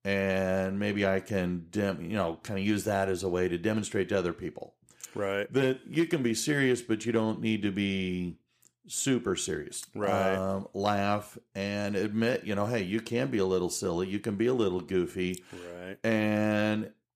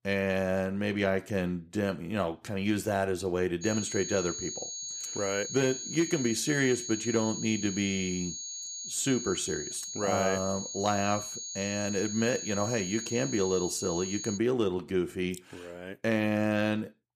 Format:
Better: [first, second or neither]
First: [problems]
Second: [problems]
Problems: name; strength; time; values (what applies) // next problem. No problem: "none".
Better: first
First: none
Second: high-pitched whine; loud; from 3.5 to 14 s; 6.5 kHz, 6 dB below the speech